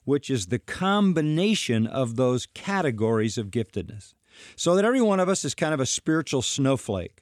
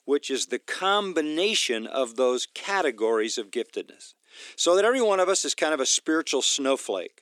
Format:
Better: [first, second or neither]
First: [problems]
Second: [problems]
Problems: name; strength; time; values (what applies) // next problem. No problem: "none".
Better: first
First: none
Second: thin; somewhat; fading below 300 Hz